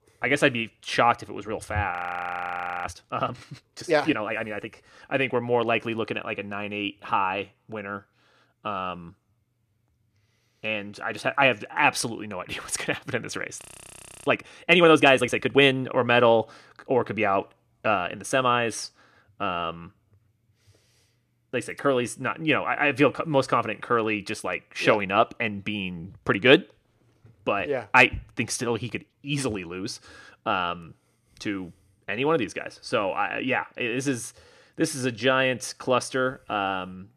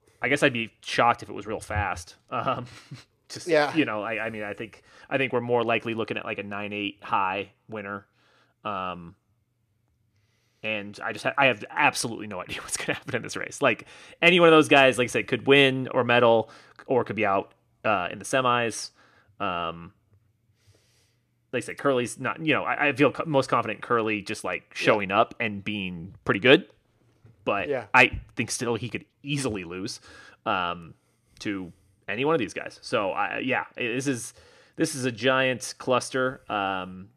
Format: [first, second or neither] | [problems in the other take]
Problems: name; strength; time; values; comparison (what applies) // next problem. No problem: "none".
second | audio freezing; at 2 s for 1 s and at 14 s for 0.5 s